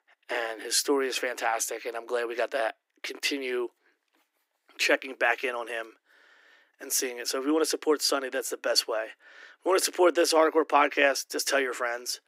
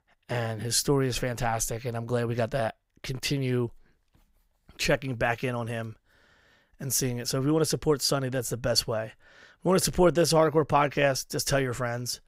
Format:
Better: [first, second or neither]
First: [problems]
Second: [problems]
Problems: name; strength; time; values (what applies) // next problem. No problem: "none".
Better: second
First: thin; somewhat; fading below 300 Hz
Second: none